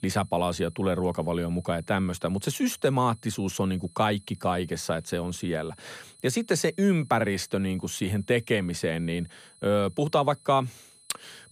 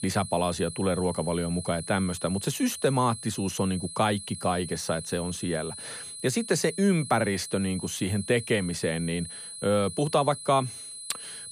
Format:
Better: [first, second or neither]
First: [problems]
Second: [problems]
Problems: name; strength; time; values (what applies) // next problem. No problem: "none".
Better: first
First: high-pitched whine; faint; throughout; 10 kHz, 25 dB below the speech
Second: high-pitched whine; loud; throughout; 10 kHz, 10 dB below the speech